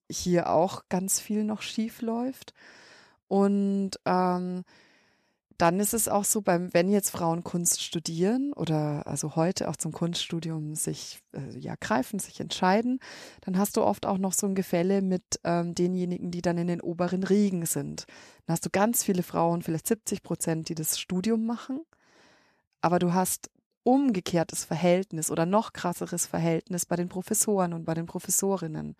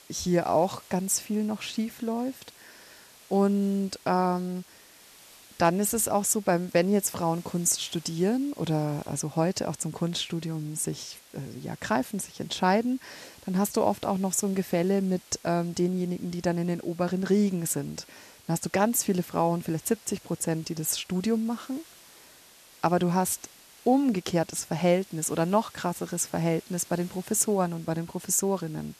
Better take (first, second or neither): first